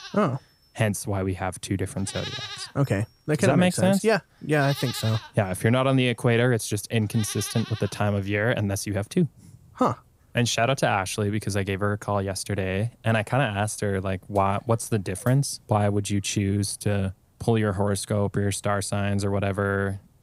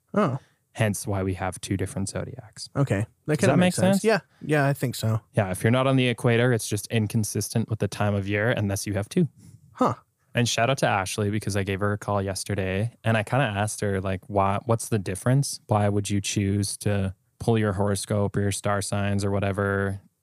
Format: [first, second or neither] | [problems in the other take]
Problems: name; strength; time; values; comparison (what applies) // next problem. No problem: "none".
second | animal sounds; noticeable; throughout; 15 dB below the speech